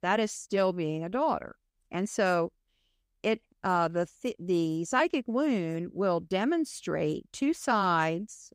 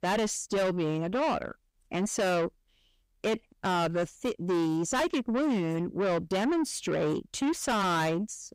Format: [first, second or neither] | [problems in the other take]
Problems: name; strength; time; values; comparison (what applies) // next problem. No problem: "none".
first | distortion; heavy; 7 dB below the speech